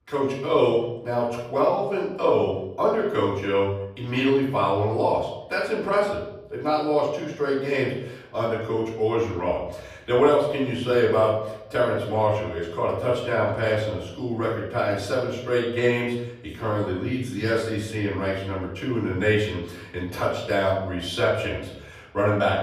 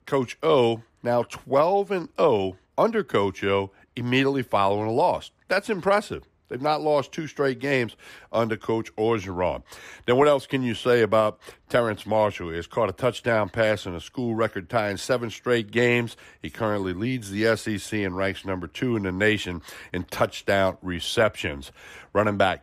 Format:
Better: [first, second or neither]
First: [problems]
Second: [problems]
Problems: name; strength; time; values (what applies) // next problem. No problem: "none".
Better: second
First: room echo; noticeable; dies away in 0.8 s // off-mic speech; far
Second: none